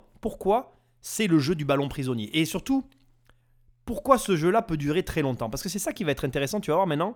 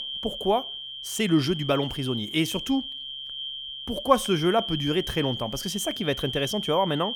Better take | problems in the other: first | high-pitched whine; loud; throughout; 3 kHz, 6 dB below the speech

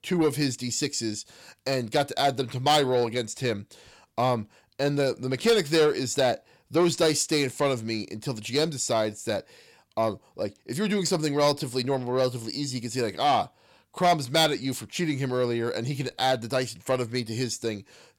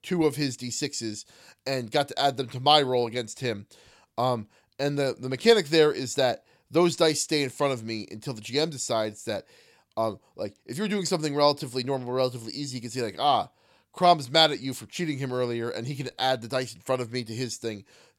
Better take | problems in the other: second | distortion; slight; 10 dB below the speech

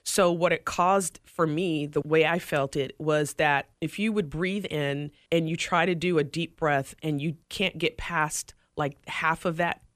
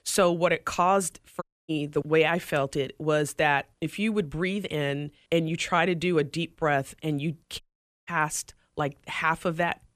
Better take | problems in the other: first | audio cutting out; at 1.5 s and at 7.5 s

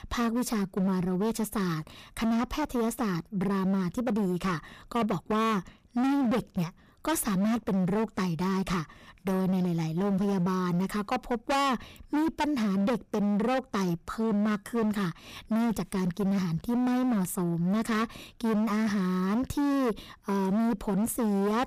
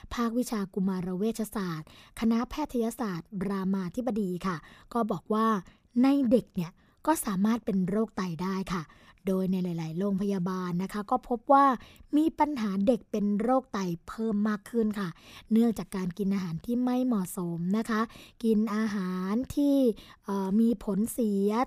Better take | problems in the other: second | distortion; heavy; 25% of the sound clipped

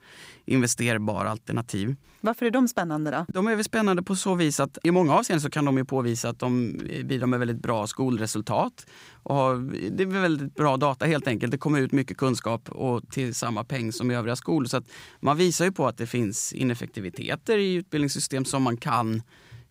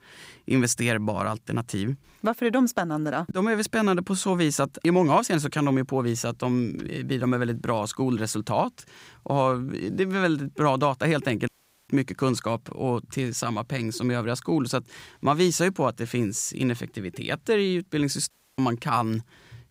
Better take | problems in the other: first | audio cutting out; at 11 s and at 18 s

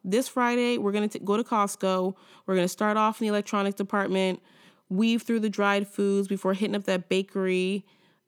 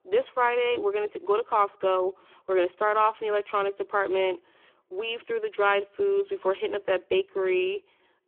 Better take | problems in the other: first | phone-call audio; poor line

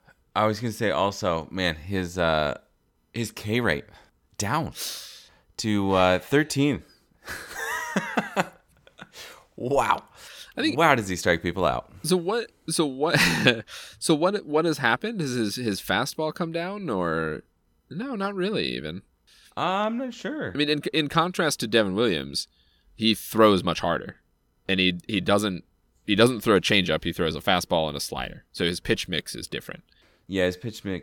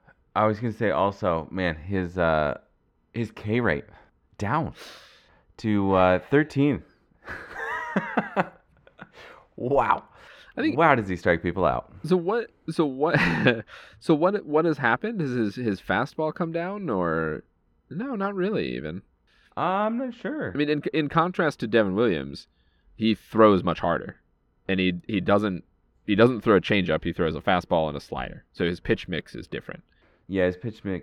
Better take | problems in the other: first | muffled; slightly; fading above 4 kHz

